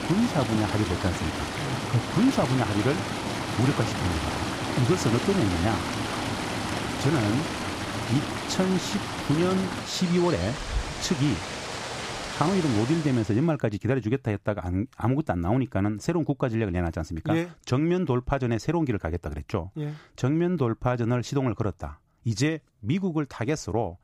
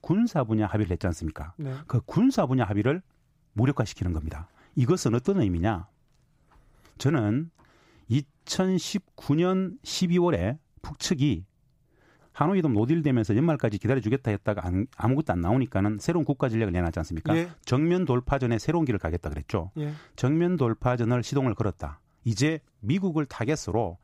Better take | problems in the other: second | rain or running water; loud; until 13 s; 4 dB below the speech

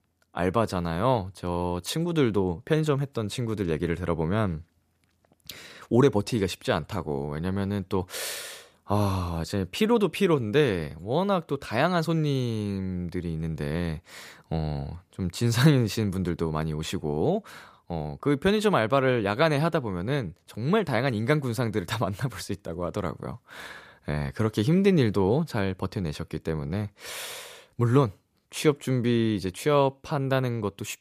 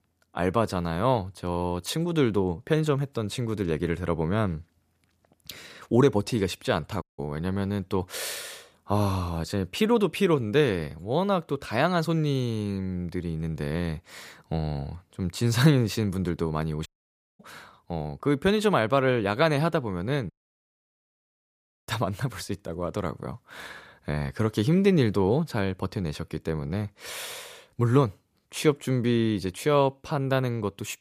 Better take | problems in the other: first | audio cutting out; at 7 s, at 17 s for 0.5 s and at 20 s for 1.5 s

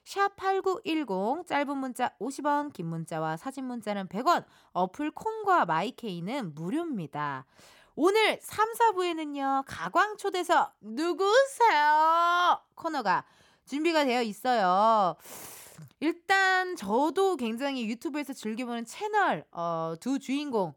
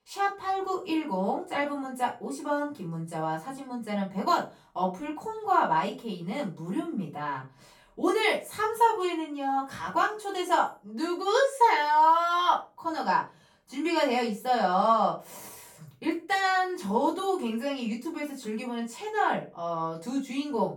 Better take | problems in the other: first | off-mic speech; far // room echo; slight; dies away in 0.3 s

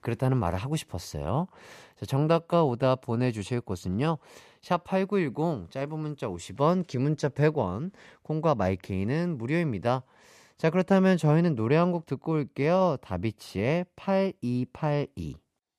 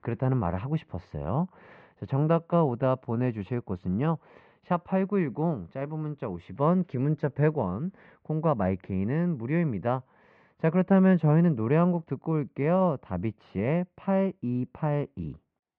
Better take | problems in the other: first | muffled; very; fading above 2 kHz

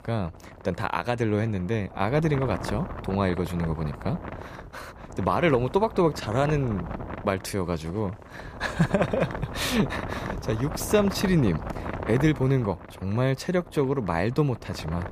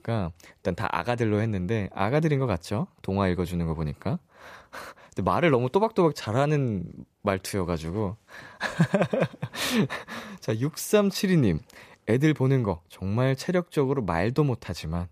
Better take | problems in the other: second | wind noise on the microphone; heavy; 10 dB below the speech

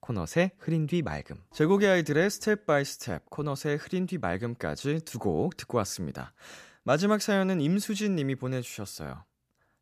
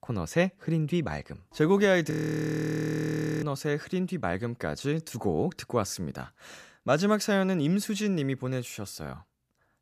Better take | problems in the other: first | audio freezing; at 2 s for 1.5 s

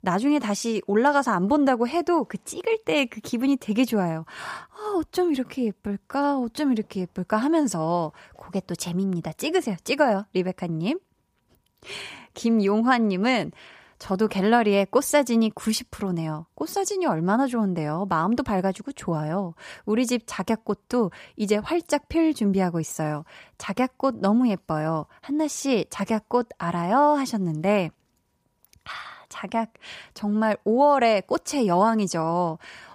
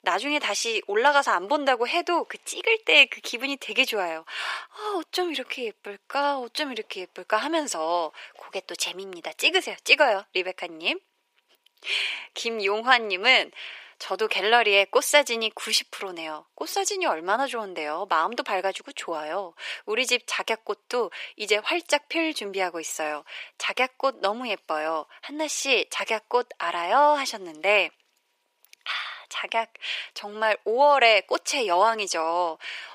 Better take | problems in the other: first | thin; very; fading below 400 Hz

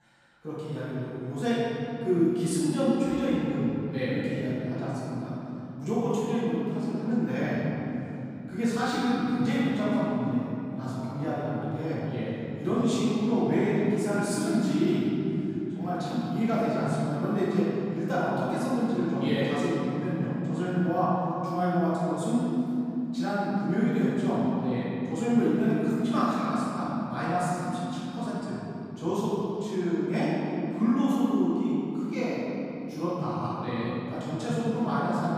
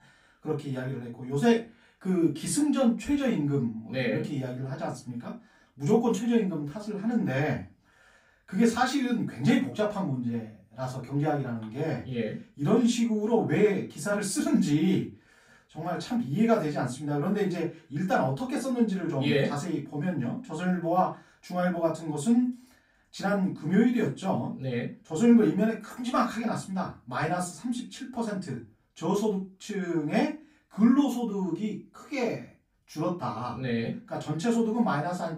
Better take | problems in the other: second | room echo; strong; dies away in 3 s; slight in the second // off-mic speech; far; far in the second

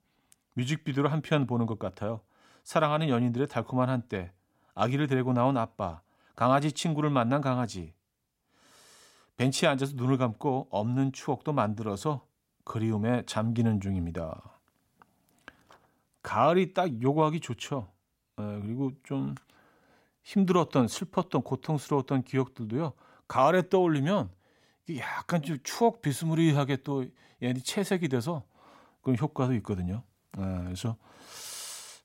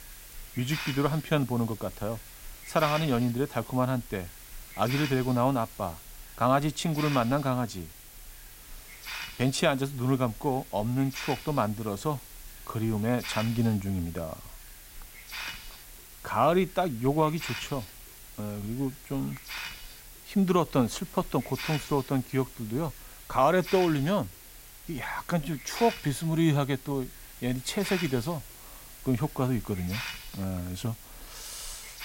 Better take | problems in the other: first | hiss; noticeable; throughout; 10 dB below the speech

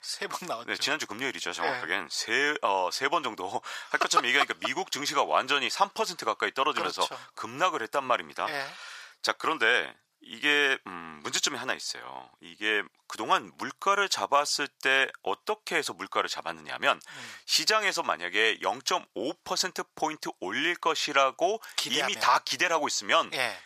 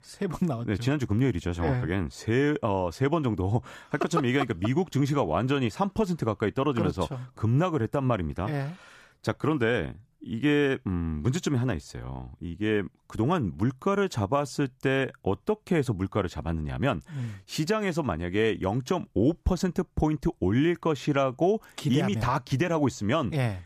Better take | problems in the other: second | thin; very; fading below 900 Hz

